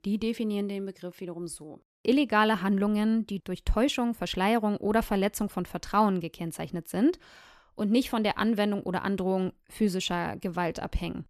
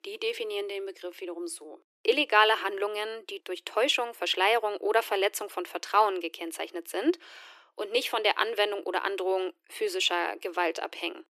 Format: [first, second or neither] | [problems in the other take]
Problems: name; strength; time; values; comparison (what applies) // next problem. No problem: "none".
first | thin; very; fading below 350 Hz